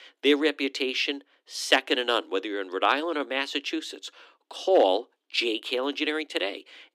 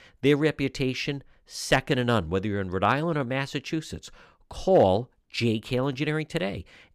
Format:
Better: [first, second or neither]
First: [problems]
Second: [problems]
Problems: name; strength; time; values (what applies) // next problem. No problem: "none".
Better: second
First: thin; very slightly; fading below 300 Hz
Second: none